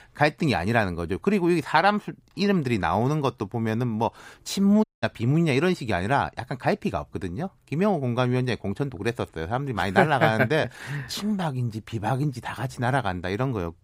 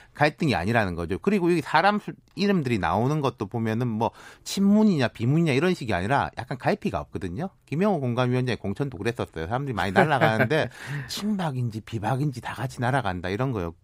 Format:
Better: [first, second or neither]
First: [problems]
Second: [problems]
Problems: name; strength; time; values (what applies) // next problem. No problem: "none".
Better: second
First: audio cutting out; at 5 s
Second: none